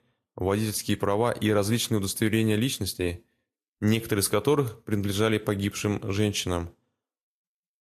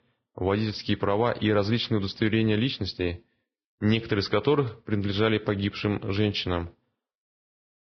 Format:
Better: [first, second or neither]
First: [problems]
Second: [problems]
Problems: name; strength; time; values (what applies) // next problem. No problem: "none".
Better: first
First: garbled, watery; slightly; nothing above 12.5 kHz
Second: garbled, watery; badly; nothing above 5 kHz